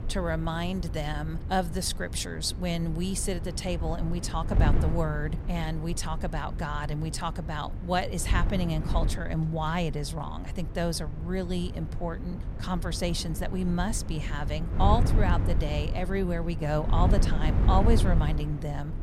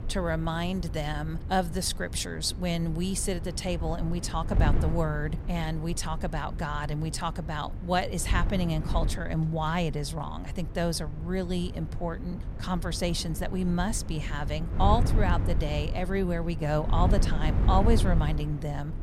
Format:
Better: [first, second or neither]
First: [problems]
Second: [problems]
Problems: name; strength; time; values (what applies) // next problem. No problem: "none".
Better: second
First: wind noise on the microphone; heavy; 10 dB below the speech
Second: wind noise on the microphone; occasional gusts; 10 dB below the speech